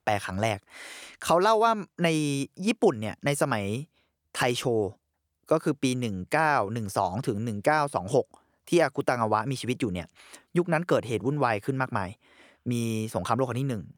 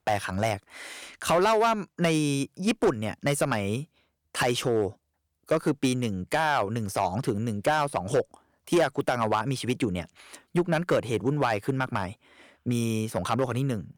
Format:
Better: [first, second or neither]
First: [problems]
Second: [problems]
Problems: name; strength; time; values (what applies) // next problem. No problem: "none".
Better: first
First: none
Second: distortion; slight; 3% of the sound clipped